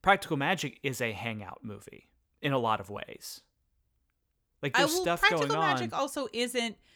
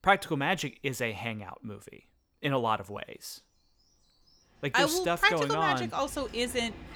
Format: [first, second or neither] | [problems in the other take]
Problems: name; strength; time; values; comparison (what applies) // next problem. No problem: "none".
first | animal sounds; faint; throughout; 25 dB below the speech